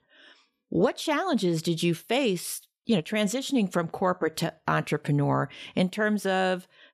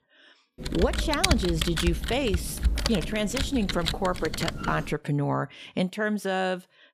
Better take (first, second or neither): first